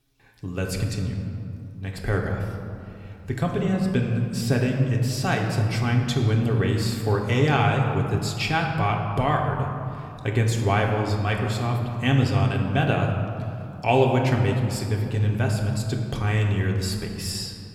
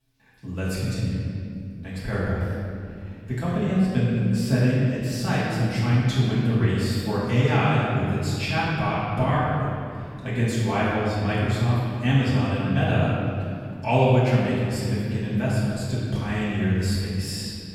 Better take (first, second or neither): first